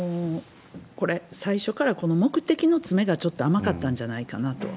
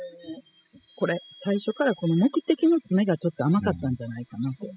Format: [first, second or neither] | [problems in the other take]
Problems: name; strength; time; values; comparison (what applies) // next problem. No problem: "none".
first | noise reduction (classical method spectral subtraction)